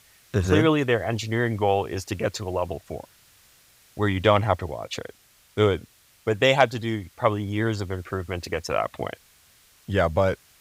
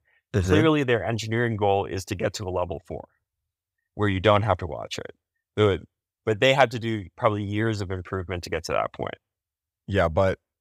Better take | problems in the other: second | hiss; faint; throughout; 30 dB below the speech

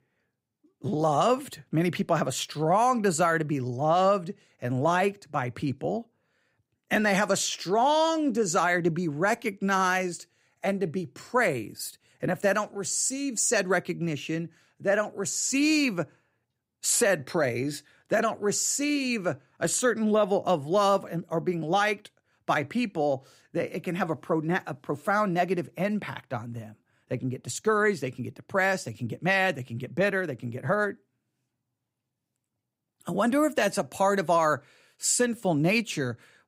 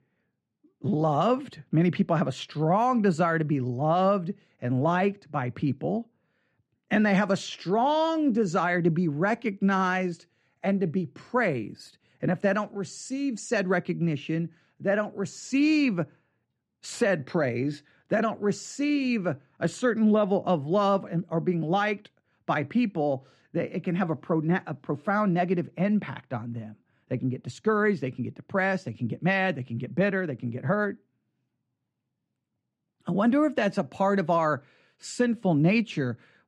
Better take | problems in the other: first | muffled; slightly; fading above 4 kHz

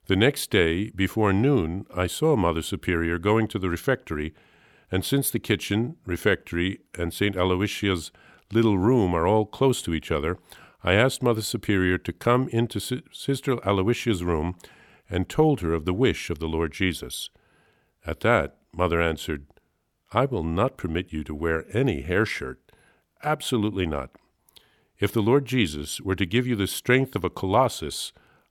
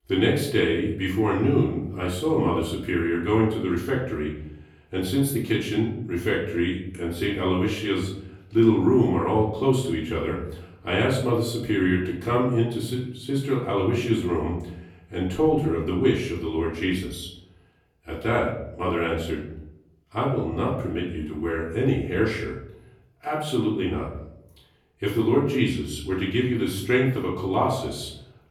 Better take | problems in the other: first | off-mic speech; far // room echo; noticeable; dies away in 0.7 s

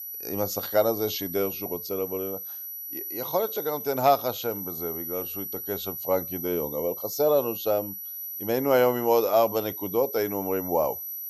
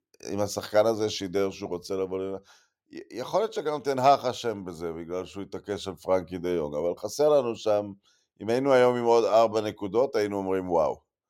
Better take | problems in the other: second | high-pitched whine; loud; throughout; 12 kHz, 6 dB below the speech

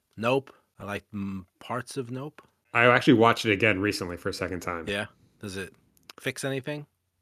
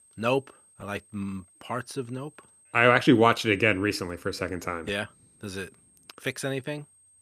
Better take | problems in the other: first | high-pitched whine; faint; throughout; 8.5 kHz, 30 dB below the speech

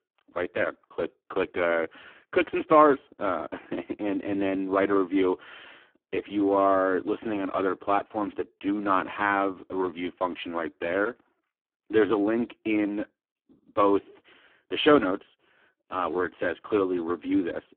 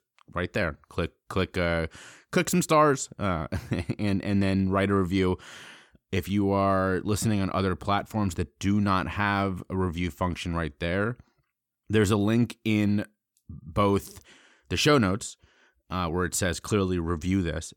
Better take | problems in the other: second | phone-call audio; poor line

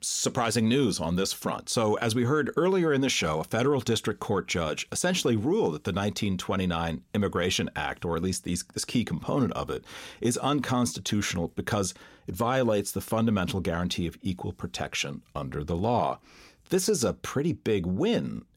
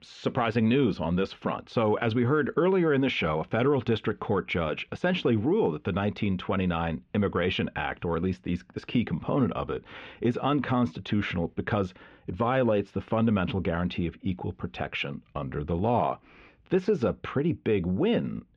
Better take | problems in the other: first | muffled; very; fading above 3 kHz

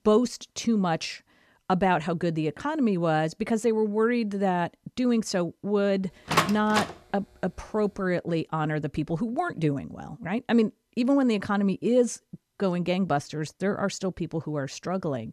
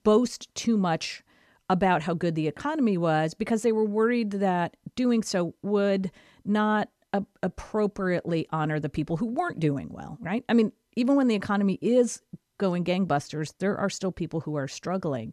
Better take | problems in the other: second | door banging; loud; at 6.5 s; peak 2 dB above the speech

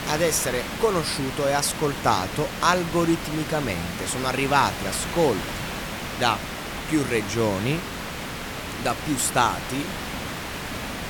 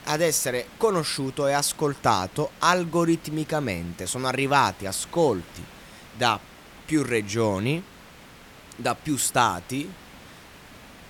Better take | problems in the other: second | hiss; loud; throughout; 7 dB below the speech; faint in the second

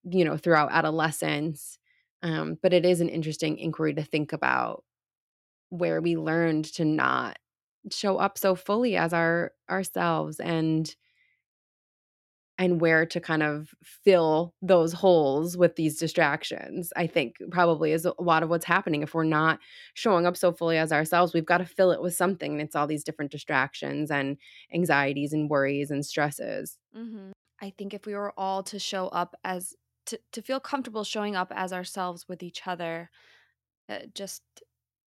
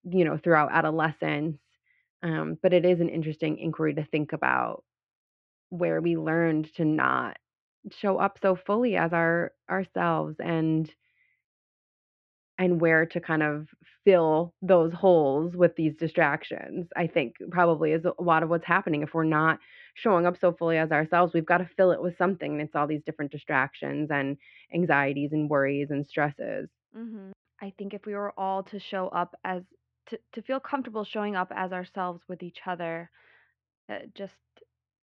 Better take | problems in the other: first | muffled; very; fading above 2.5 kHz

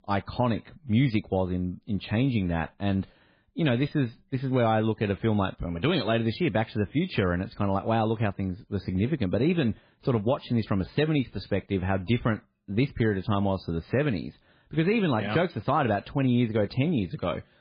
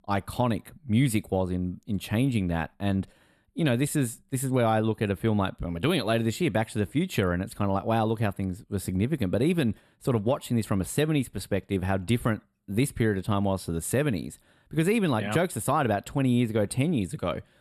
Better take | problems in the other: second | garbled, watery; badly; nothing above 4 kHz

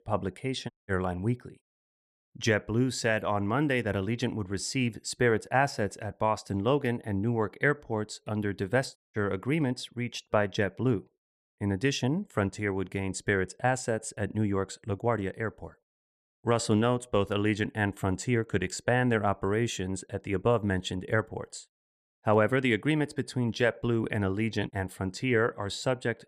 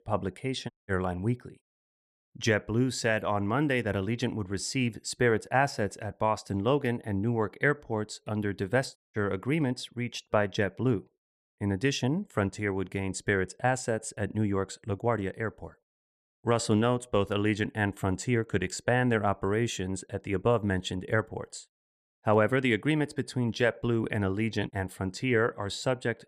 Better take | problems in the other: neither | audio cutting out; at 0.5 s and at 9 s; the same in both

